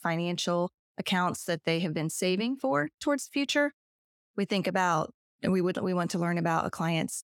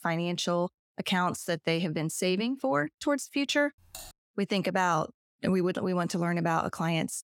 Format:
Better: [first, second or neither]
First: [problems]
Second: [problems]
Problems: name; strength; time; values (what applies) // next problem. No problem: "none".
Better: first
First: none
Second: keyboard typing; faint; at 4 s; peak 15 dB below the speech